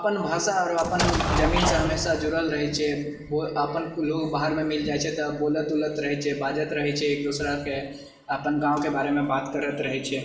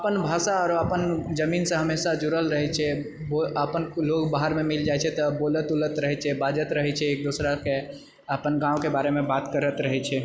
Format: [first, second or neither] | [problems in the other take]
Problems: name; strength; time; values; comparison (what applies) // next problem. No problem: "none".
second | background sound (Explosion); 1 dB below the speech // room echo; dies away in 0.8 s